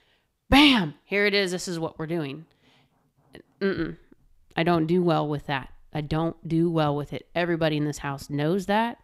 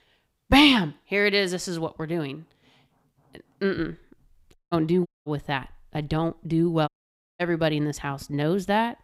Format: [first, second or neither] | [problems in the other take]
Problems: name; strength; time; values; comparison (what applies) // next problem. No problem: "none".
first | audio cutting out; at 4.5 s, at 5 s and at 7 s for 0.5 s